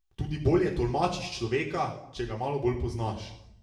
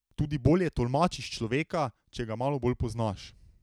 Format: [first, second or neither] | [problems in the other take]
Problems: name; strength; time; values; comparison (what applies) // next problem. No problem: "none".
second | room echo; dies away in 0.6 s